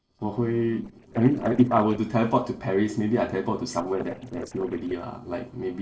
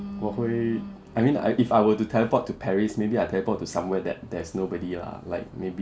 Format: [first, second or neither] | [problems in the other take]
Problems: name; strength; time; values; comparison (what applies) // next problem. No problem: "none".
second | noise reduction (neural separator model SepFormer DNS4)